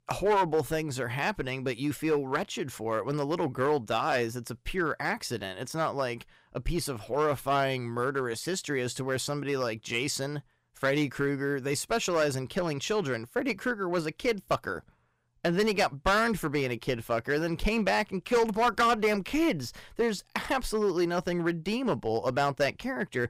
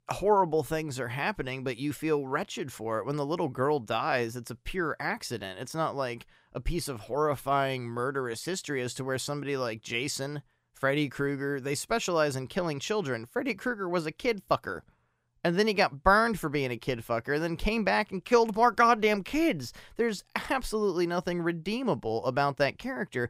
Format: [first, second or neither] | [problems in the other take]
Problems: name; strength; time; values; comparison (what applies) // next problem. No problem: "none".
second | distortion; slight; 4% of the sound clipped